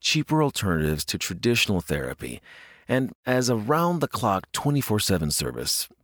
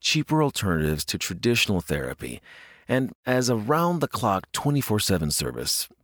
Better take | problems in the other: neither | none

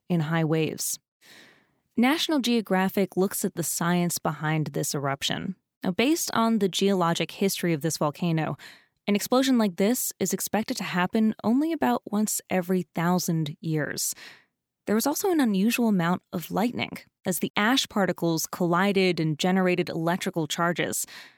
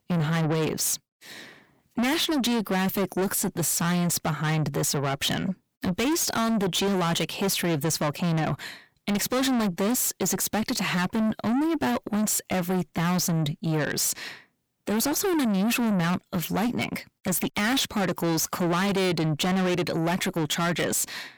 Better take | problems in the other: first | distortion; heavy; 6 dB below the speech

